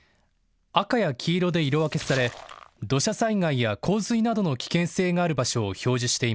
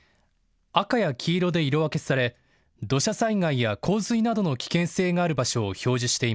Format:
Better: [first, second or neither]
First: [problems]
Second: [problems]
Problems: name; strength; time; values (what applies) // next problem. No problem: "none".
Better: second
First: background sound (Splash, splatter); 16 dB below the speech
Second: none